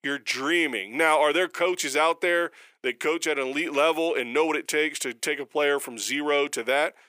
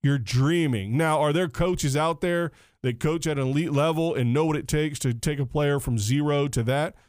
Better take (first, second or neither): second